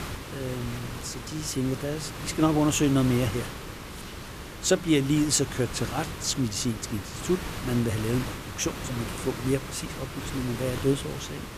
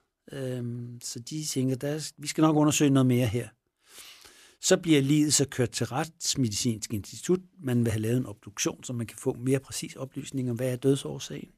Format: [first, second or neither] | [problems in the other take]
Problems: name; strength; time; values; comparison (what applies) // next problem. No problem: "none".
second | hiss; loud; throughout; 8 dB below the speech